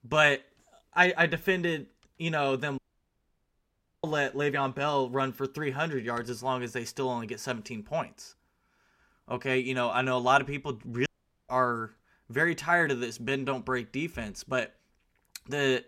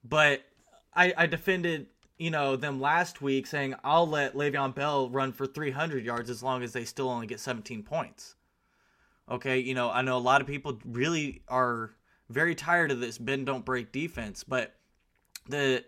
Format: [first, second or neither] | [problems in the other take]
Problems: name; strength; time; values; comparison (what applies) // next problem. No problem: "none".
second | audio cutting out; at 3 s for 1.5 s and at 11 s